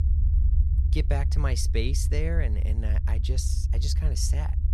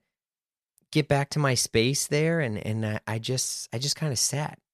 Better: second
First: low rumble; loud; throughout; 9 dB below the speech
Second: none

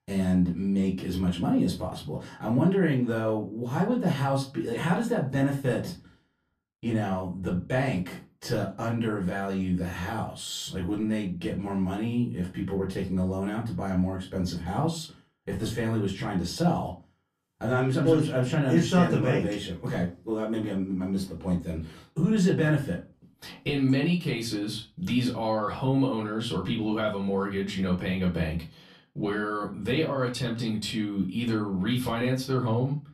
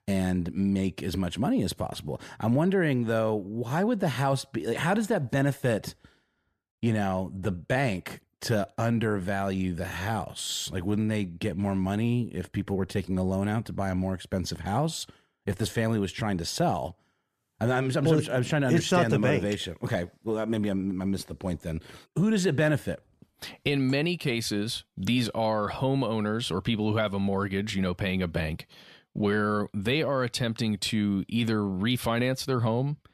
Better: second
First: off-mic speech; far // room echo; very slight; dies away in 0.3 s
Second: none

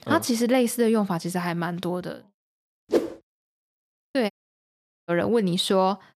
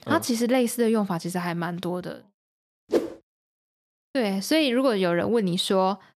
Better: second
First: audio cutting out; at 4.5 s for 1 s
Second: none

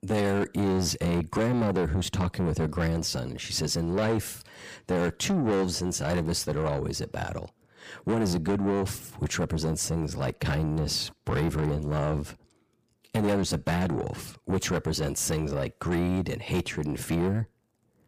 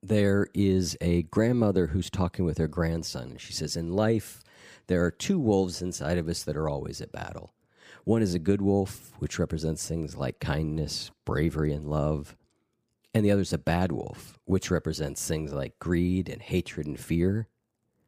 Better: second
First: distortion; heavy; 5 dB below the speech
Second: none

